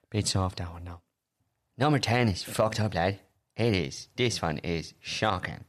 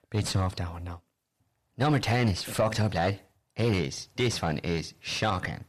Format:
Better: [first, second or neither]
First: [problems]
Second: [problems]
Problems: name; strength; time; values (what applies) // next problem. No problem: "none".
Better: first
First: none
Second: distortion; slight; 10 dB below the speech